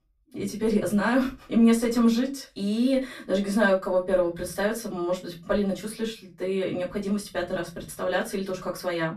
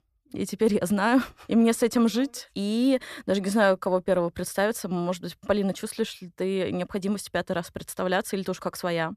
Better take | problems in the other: second | off-mic speech; far // room echo; very slight; dies away in 0.2 s

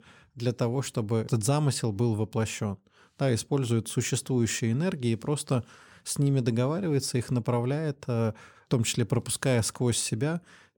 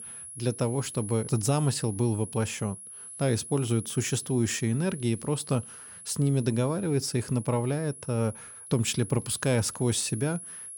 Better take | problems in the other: first | high-pitched whine; noticeable; throughout; 10.5 kHz, 10 dB below the speech

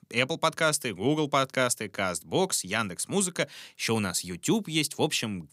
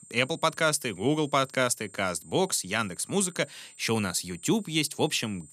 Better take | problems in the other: first | high-pitched whine; faint; throughout; 8 kHz, 20 dB below the speech

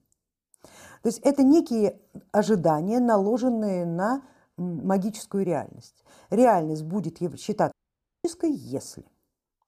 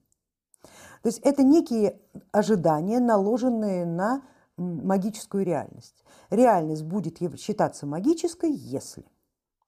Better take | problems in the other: second | audio cutting out; at 7.5 s for 0.5 s

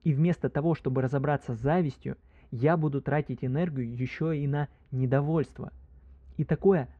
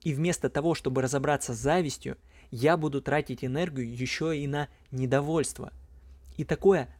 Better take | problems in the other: second | muffled; very; fading above 2 kHz

